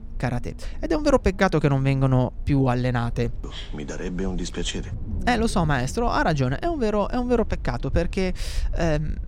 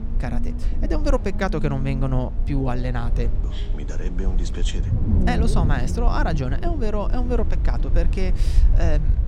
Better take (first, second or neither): first